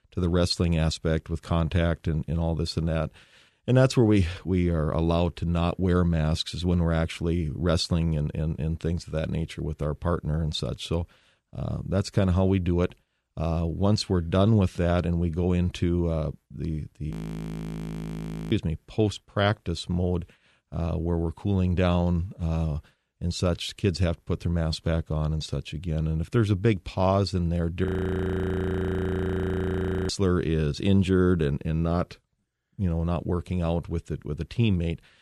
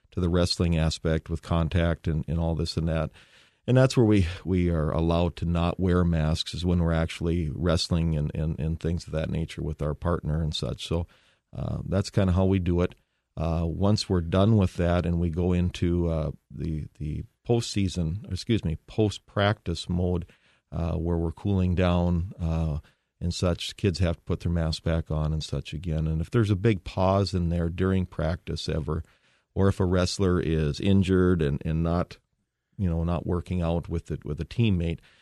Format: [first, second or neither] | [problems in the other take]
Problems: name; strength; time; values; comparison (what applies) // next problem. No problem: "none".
second | audio freezing; at 17 s for 1.5 s and at 28 s for 2 s